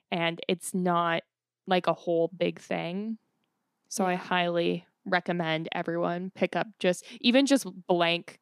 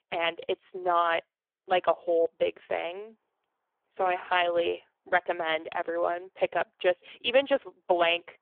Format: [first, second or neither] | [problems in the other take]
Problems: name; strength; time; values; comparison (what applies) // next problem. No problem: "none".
first | phone-call audio; poor line; nothing above 3.5 kHz